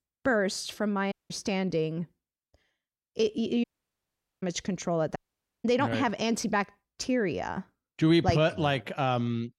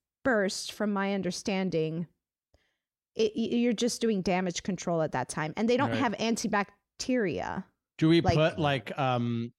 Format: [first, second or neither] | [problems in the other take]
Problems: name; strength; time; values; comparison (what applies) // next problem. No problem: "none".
second | audio cutting out; at 1 s, at 3.5 s for 1 s and at 5 s